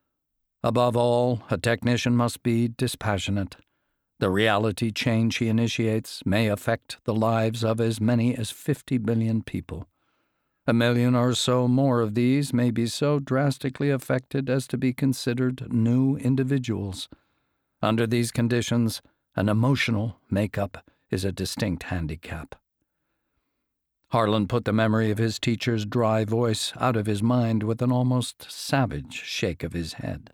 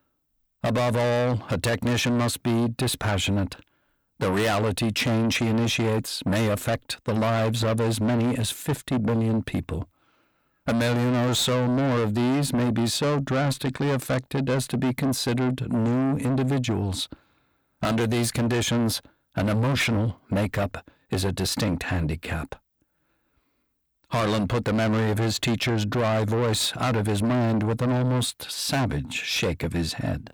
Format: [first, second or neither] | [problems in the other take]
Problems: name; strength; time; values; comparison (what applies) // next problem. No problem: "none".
first | distortion; heavy; 6 dB below the speech